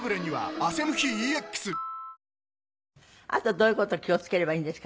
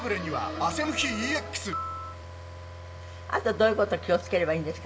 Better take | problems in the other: first | background sound (Car); 13 dB below the speech // room echo; dies away in 1.6 s

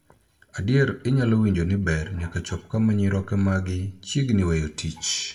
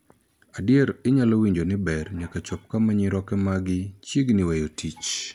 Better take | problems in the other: second | room echo; dies away in 0.3 s

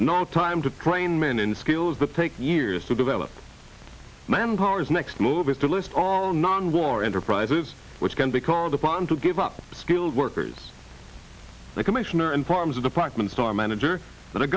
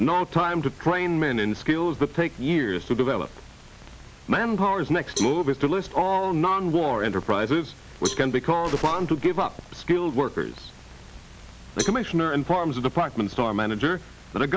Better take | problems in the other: first | background sound (Gunshot, gunfire + Cowbell); 15 dB below the speech

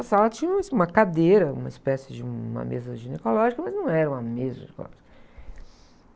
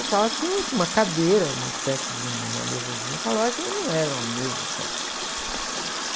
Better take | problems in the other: first | background sound (Water tap, faucet); 3 dB below the speech

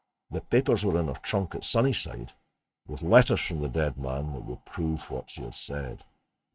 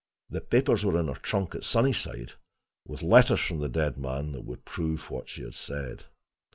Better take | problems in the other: second | noise reduction (neural mask model RNNoise)

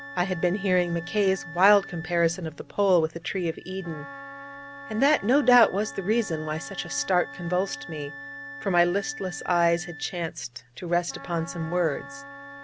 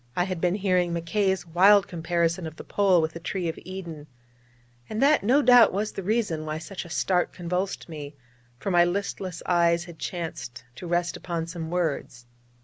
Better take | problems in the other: second | background sound (Trumpet + Wind instrument, woodwind instrument); 15 dB below the speech

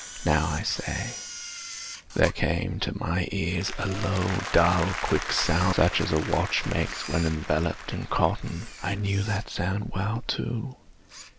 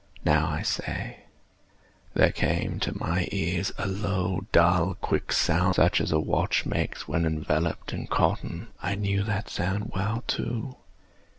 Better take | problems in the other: second | background sound (Applause + Camera); 12 dB below the speech

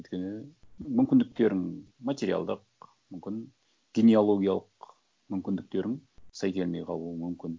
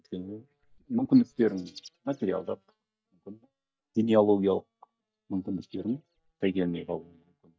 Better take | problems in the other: first | noise reduction (neural mask model DeepFilterNet 3)

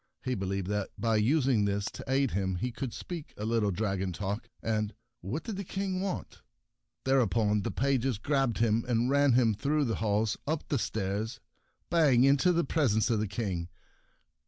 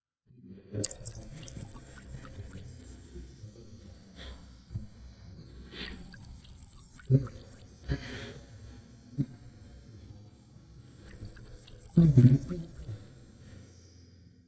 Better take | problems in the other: first | noise reduction (neural mask model DeepFilterNet 3)

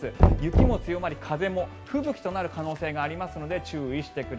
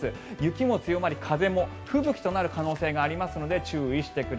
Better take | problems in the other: second | background sound (Knock); 4 dB above the speech

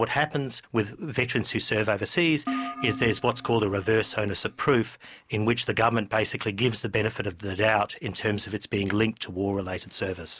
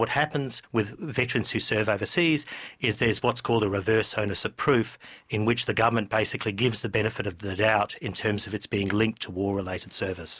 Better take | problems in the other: second | background sound (Keyboard (musical)); 10 dB below the speech

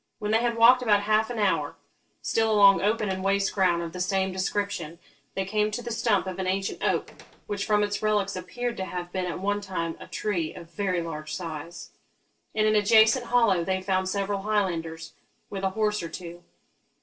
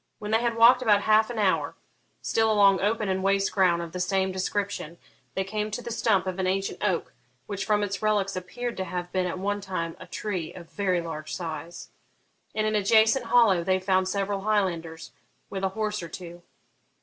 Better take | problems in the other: second | noise reduction (neural separator model SepFormer DNS4)

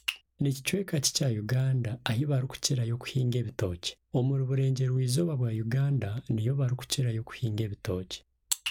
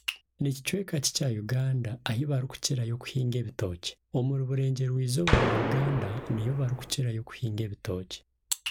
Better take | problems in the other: first | background sound (Gunshot, gunfire); 1 dB above the speech

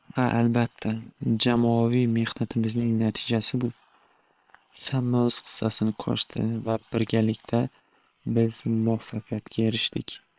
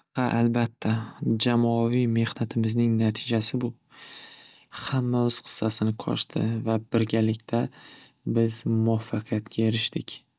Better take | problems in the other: second | noise reduction (neural separator model SepFormer WHAM!)

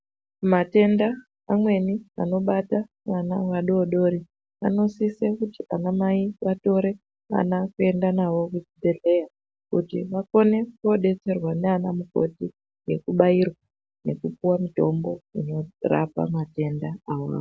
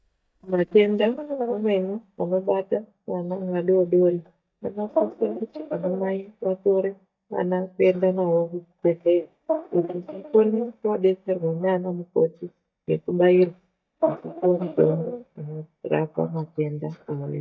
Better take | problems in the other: first | noise reduction (neural mask model DeepFilterNet 3)

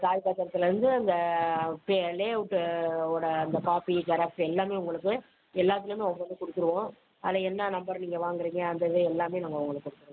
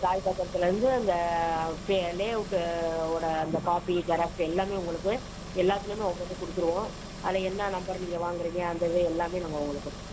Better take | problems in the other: first | background sound (Engine); 11 dB below the speech

